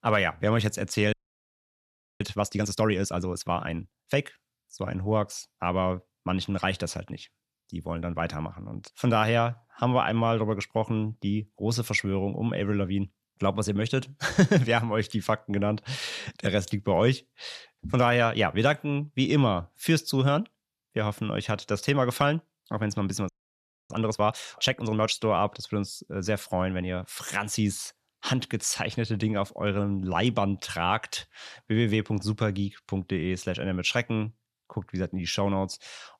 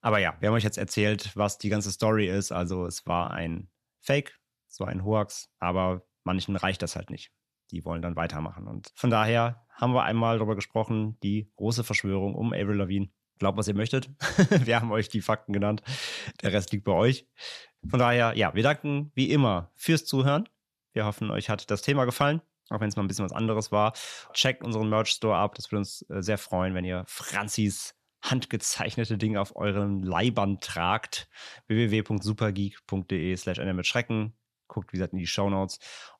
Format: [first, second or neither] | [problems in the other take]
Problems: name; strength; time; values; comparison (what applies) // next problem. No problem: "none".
second | audio freezing; at 1 s for 1 s and at 23 s for 0.5 s